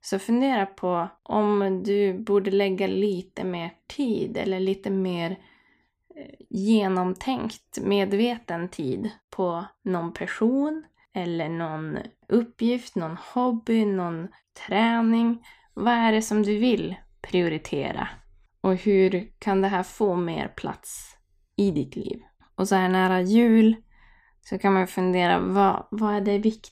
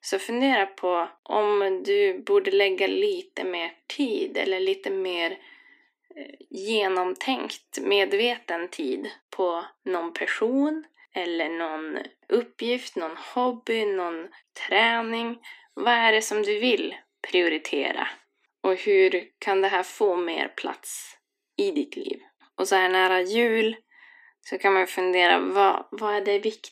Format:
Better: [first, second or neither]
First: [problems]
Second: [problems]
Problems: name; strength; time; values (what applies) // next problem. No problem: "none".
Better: first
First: none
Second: thin; somewhat; fading below 250 Hz